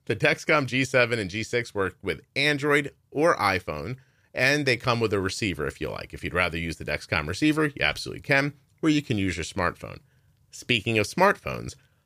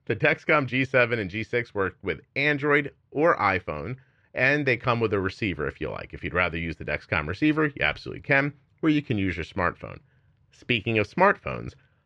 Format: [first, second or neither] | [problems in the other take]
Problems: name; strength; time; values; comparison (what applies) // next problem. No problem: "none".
first | muffled; slightly; fading above 2.5 kHz